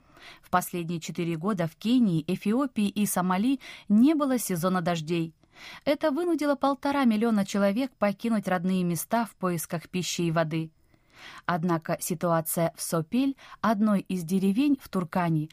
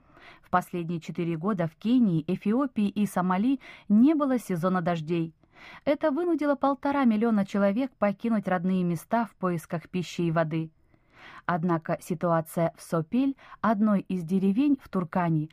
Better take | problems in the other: first | muffled; slightly; fading above 3.5 kHz

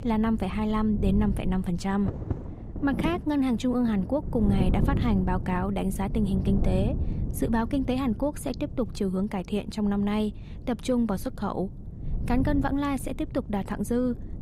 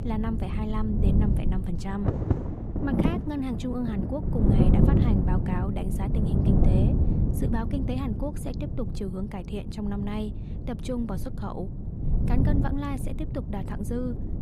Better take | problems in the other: first | wind noise on the microphone; heavy; as loud as the speech; occasional gusts in the first

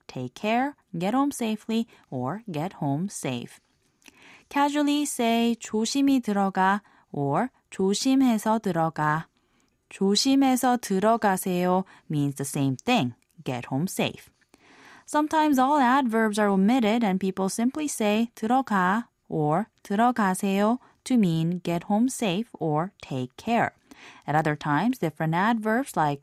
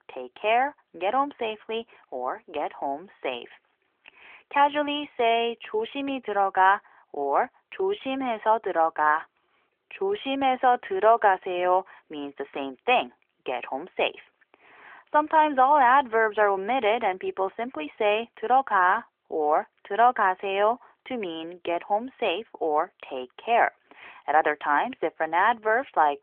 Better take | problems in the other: first | phone-call audio; nothing above 3.5 kHz

